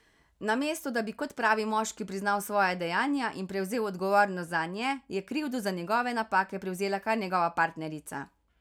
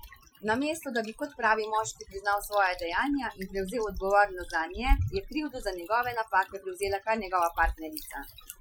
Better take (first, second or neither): first